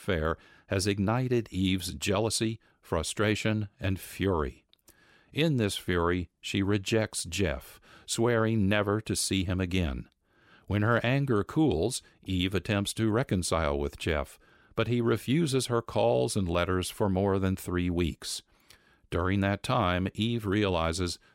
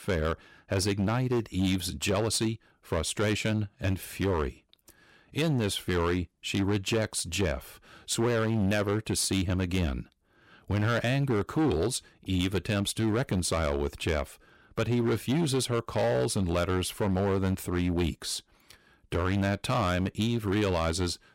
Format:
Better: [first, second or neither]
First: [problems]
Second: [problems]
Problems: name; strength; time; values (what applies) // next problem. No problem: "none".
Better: first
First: none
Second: distortion; slight; 10% of the sound clipped